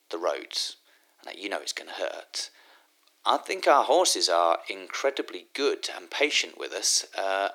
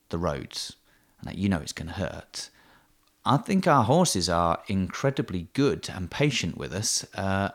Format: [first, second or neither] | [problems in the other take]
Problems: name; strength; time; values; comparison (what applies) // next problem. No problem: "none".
second | thin; very; fading below 300 Hz